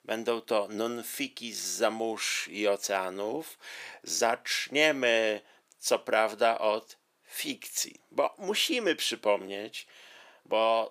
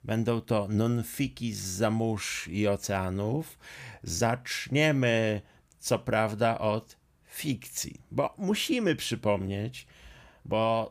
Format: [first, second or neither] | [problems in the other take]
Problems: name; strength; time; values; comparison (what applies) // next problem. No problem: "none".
second | thin; somewhat; fading below 350 Hz